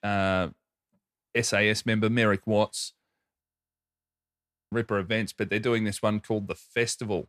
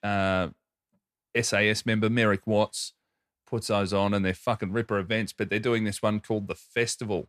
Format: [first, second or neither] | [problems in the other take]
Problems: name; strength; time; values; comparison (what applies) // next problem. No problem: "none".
second | audio freezing; at 3.5 s for 1.5 s